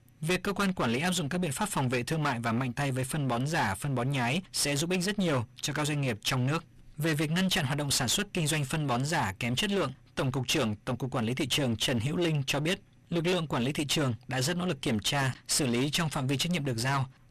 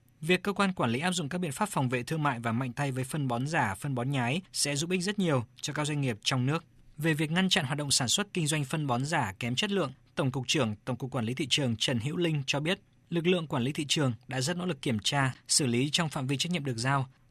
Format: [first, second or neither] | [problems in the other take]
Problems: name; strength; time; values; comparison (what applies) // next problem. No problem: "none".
second | distortion; heavy; 20% of the sound clipped